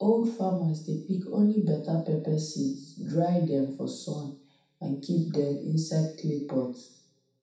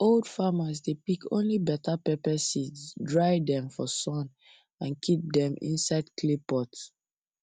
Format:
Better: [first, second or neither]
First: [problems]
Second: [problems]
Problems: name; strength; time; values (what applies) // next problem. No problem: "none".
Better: second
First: room echo; dies away in 0.7 s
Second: none